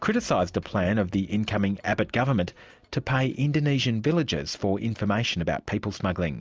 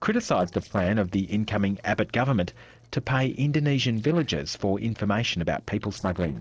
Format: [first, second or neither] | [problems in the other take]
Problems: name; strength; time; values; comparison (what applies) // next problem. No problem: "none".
first | noise reduction (neural separator model SepFormer DNS4)